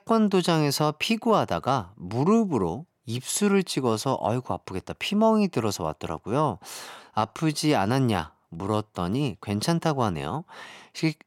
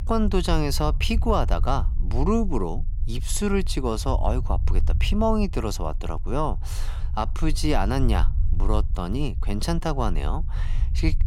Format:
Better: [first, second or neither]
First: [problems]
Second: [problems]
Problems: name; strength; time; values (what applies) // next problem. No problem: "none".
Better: first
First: none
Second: low rumble; noticeable; throughout; 20 dB below the speech